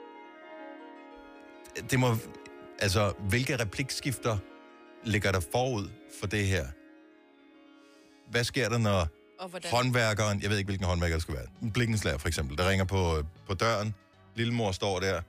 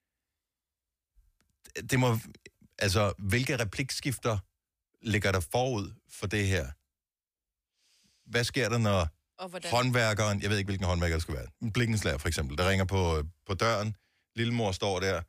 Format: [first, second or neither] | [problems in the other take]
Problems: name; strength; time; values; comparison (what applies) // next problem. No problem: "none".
second | background music; faint; throughout; 20 dB below the speech